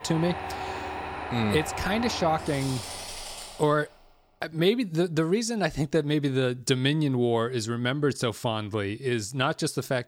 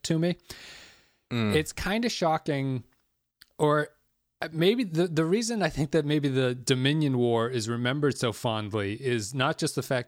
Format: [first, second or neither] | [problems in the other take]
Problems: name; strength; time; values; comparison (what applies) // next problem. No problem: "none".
second | machinery noise; loud; until 3.5 s; 8 dB below the speech